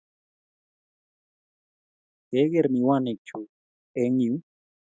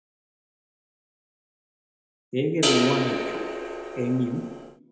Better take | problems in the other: first | background sound (Crash cymbal); 2 dB above the speech // room echo; dies away in 0.8 s

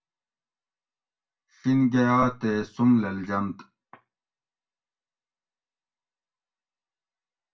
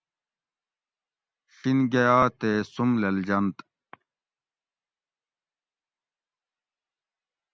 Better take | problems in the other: second | room echo; dies away in 0.2 s

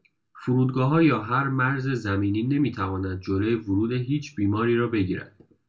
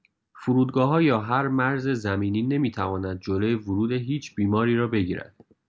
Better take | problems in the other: second | room echo; dies away in 0.2 s

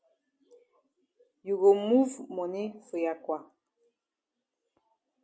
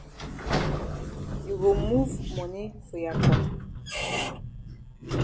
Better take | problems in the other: first | background sound (Squeak / Sliding door); 3 dB above the speech

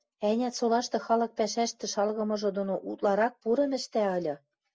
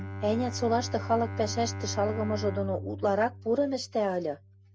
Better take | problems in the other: first | background sound (Bowed string instrument); 8 dB below the speech

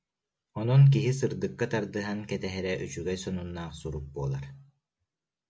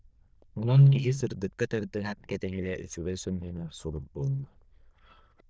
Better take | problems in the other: first | noise reduction (neural diffusion model UNIVERSE++)

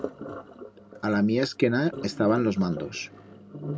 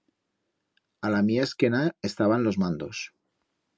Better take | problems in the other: second | background sound (Sink (filling or washing)); 12 dB below the speech

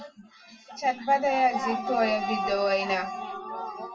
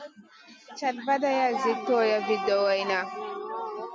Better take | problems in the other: second | room echo; dies away in 0.1 s

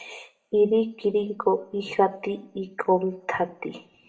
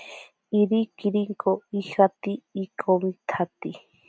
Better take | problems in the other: second | room echo; dies away in 0.4 s

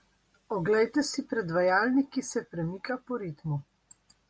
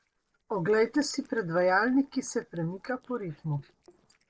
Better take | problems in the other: first | noise reduction (neural separator model SepFormer DNS4)

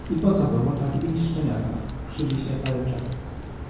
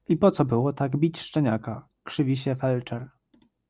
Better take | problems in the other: second | background sound (Crack); 9 dB below the speech // room echo; dies away in 1 s

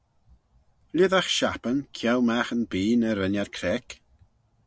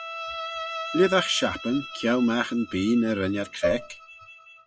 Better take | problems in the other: first | noise reduction (classical method log-MMSE)

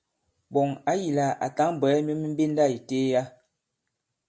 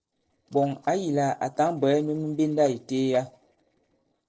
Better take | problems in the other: first | noise reduction (neural separator model SepFormer DNS4)

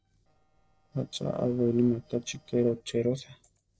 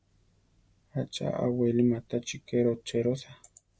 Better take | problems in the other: second | noise reduction (neural separator model SepFormer DNS4)

